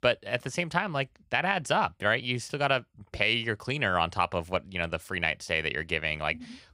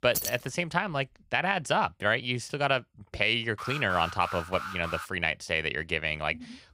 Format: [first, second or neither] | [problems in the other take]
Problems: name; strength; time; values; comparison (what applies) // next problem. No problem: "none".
first | jangling keys; noticeable; at the start; peak 3 dB below the speech // alarm; noticeable; from 3.5 to 5 s; peak 8 dB below the speech